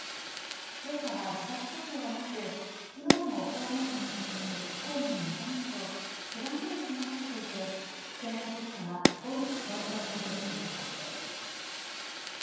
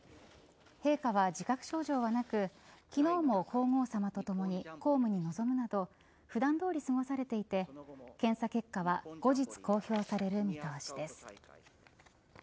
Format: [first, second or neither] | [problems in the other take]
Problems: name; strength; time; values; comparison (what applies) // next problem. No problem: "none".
second | background sound (Fire); 1 dB above the speech // room echo; dies away in 1.2 s